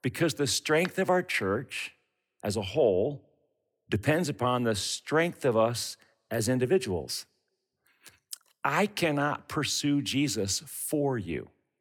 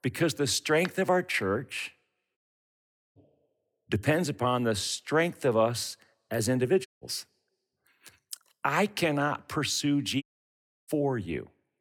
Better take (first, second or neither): first